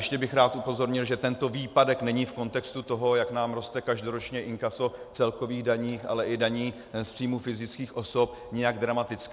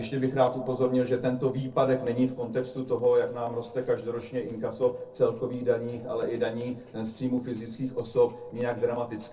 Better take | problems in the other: first | noise reduction (neural separator model SepFormer DNS4)

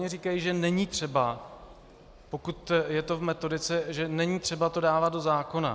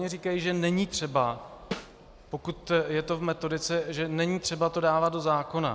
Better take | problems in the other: first | background sound (Snare drum); 13 dB below the speech

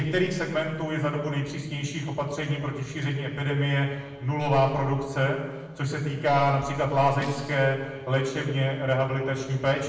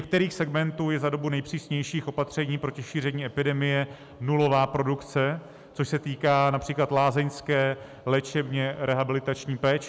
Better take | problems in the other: second | noise reduction (neural separator model SepFormer DNS4)

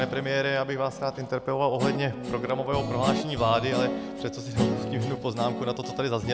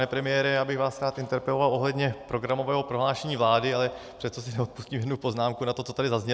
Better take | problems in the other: second | background sound (Guitar); 4 dB below the speech

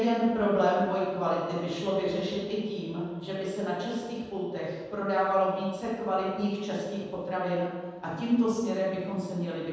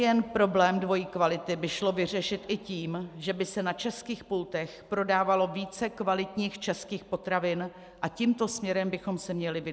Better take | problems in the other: second | room echo; dies away in 1.2 s

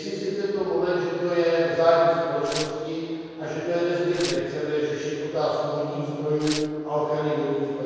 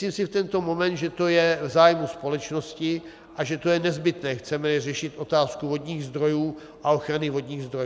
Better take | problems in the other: second | background sound (Tearing); 15 dB below the speech // room echo; dies away in 2.1 s

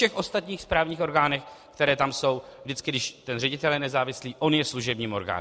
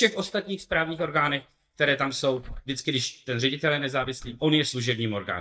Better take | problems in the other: first | noise reduction (neural mask model DeepFilterNet 3)

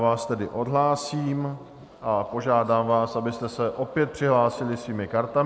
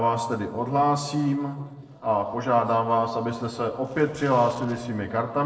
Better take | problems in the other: first | noise reduction (neural separator model SepFormer DNS4)

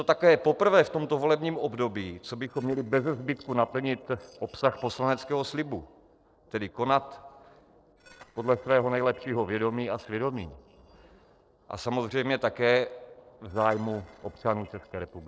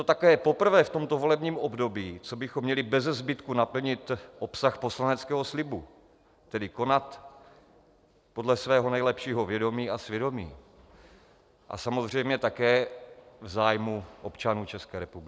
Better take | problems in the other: second | noise reduction (neural separator model SepFormer DNS4)

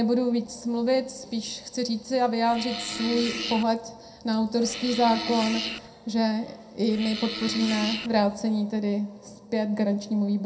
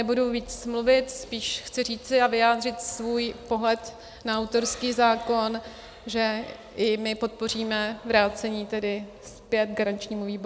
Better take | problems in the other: second | background sound (Fart); 7 dB below the speech // room echo; dies away in 0.2 s

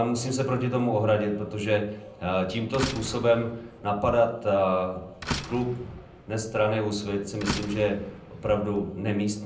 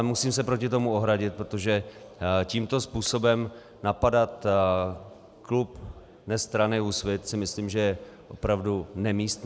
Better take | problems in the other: second | background sound (Slam); 12 dB below the speech // room echo; dies away in 0.6 s

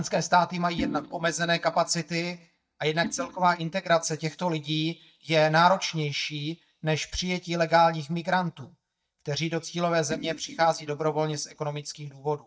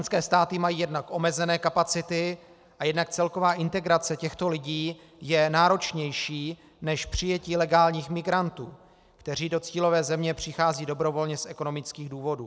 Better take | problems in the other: second | noise reduction (neural mask model DeepFilterNet 3)

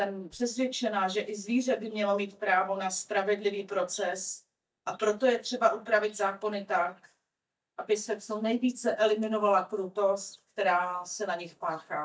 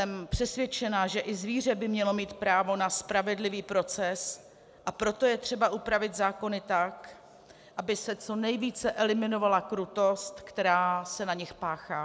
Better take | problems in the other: second | noise reduction (neural mask model DeepFilterNet 3)

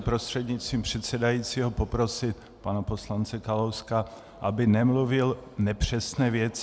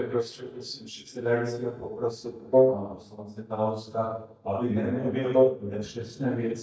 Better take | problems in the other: first | noise reduction (neural mask model DeepFilterNet 3)

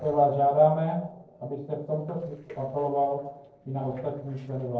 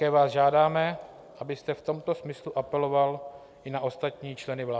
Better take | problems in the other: second | noise reduction (neural separator model SepFormer DNS4)

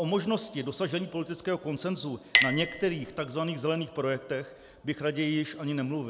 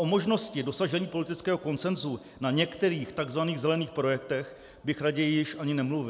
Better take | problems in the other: second | background sound (Chink, clink); 5 dB below the speech

